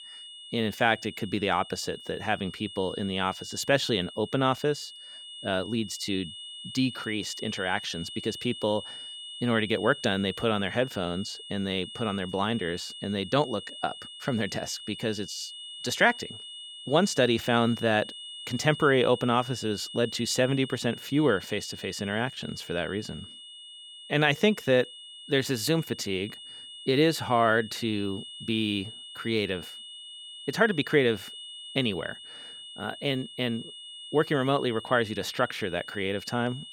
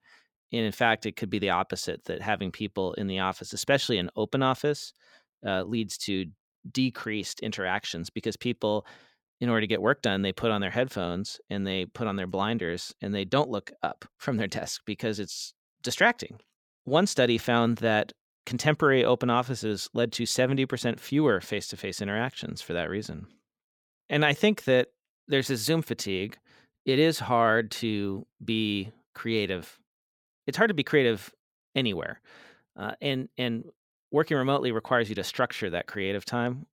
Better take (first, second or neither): second